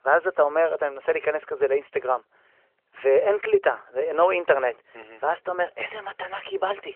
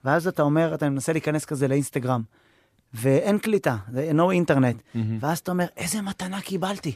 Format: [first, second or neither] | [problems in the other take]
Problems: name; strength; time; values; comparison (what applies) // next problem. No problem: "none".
second | phone-call audio; nothing above 3 kHz